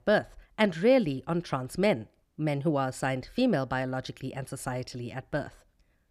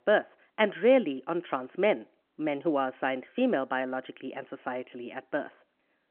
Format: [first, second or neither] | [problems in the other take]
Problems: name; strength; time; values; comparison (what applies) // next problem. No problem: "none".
first | phone-call audio